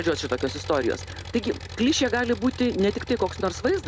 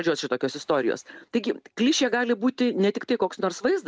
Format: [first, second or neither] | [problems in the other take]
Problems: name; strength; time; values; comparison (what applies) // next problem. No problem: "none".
second | background sound (Engine); 12 dB below the speech